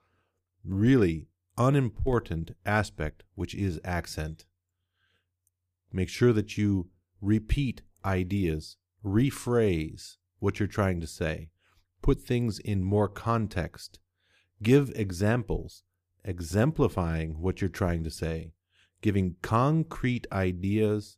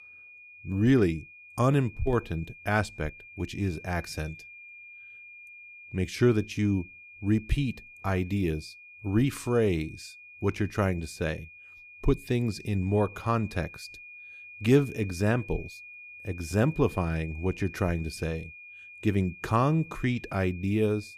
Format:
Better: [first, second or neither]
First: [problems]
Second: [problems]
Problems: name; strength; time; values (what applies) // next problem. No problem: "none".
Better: first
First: none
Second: high-pitched whine; noticeable; throughout; 2.5 kHz, 15 dB below the speech